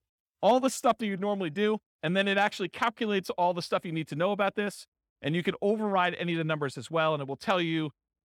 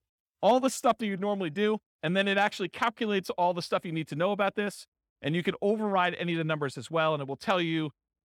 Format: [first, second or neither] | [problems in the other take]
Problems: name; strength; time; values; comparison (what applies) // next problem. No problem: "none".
neither | none